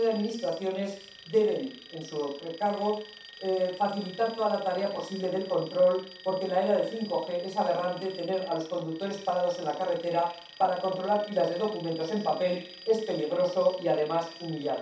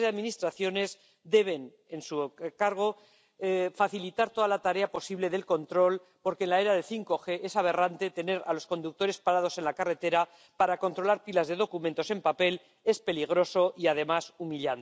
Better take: second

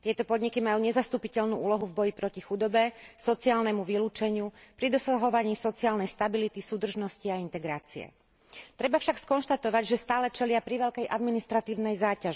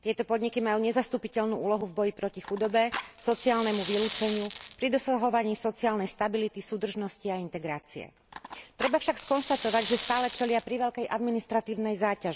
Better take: first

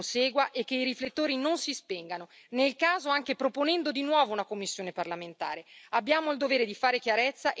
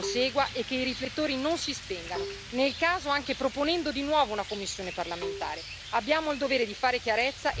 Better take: first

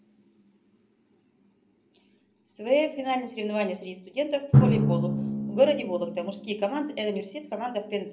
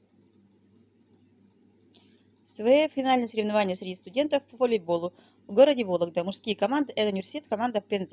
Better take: second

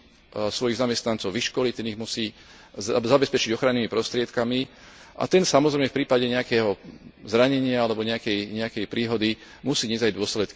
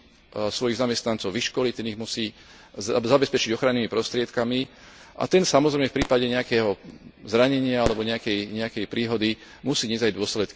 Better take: first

